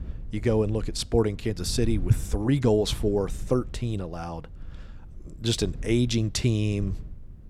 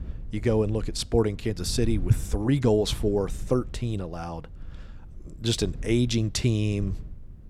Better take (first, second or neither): neither